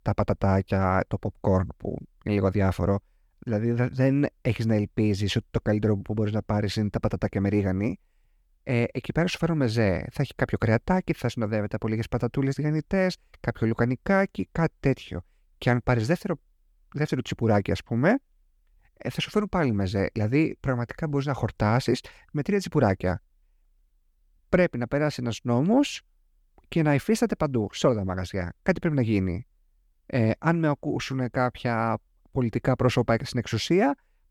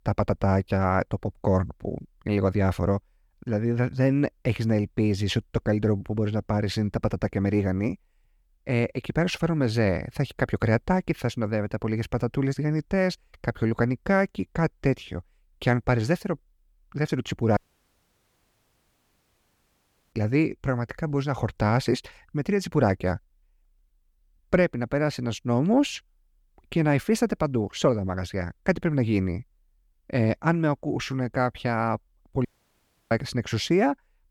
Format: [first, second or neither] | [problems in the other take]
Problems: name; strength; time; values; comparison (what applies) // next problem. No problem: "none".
first | audio cutting out; at 18 s for 2.5 s and at 32 s for 0.5 s